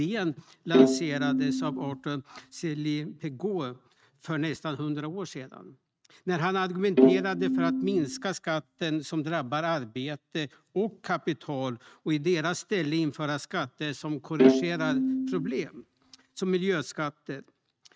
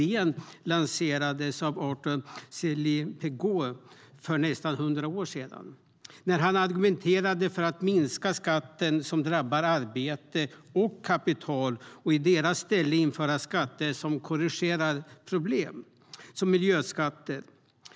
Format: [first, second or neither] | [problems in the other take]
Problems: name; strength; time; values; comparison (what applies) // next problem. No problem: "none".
second | noise reduction (neural mask model RNNoise)